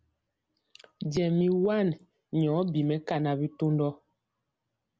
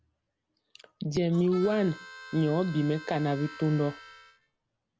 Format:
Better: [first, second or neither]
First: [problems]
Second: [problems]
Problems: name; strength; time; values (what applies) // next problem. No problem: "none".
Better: first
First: none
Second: background sound (Harmonica); 17 dB below the speech